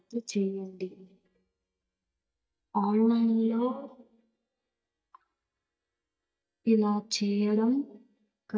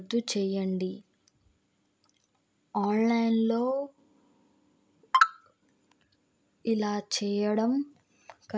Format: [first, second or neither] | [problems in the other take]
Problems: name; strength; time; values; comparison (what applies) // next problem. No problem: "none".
second | noise reduction (neural mask model DeepFilterNet 3)